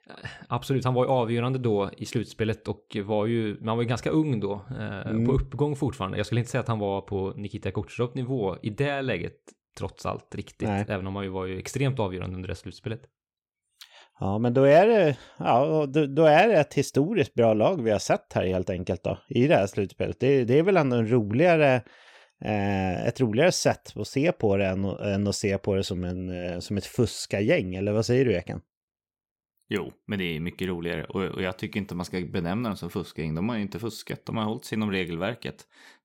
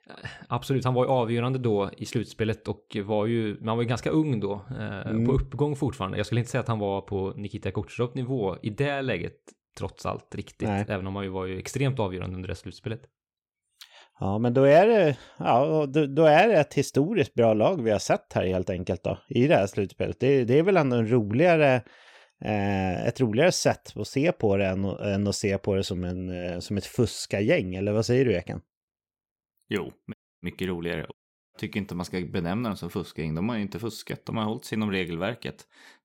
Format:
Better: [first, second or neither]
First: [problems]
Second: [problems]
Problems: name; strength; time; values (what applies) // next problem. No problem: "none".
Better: first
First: none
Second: audio cutting out; at 30 s and at 31 s